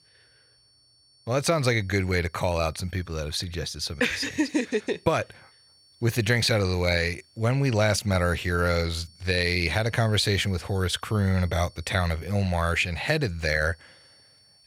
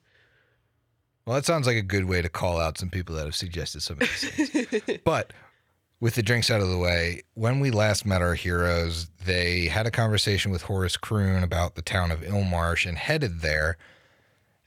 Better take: second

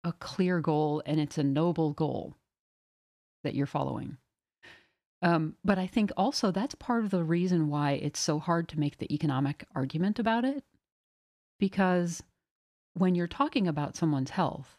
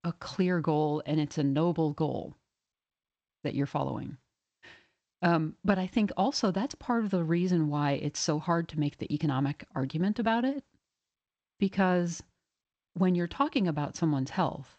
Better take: first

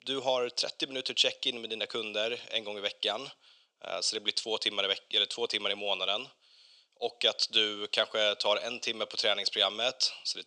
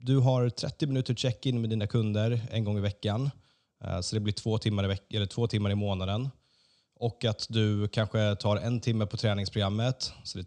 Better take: second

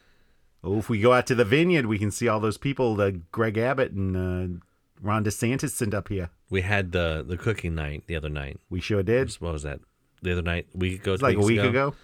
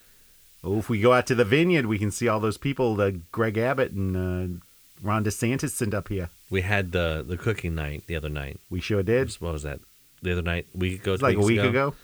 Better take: first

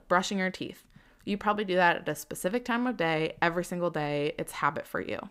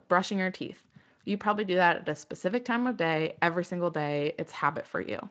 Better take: first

